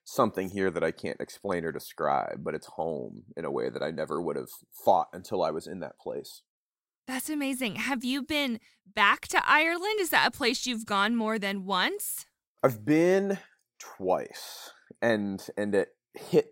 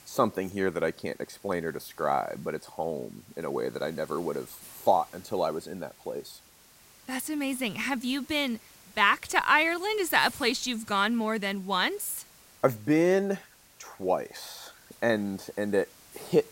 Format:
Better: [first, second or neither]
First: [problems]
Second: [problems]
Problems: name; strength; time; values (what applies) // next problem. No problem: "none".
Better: first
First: none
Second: hiss; faint; throughout; 25 dB below the speech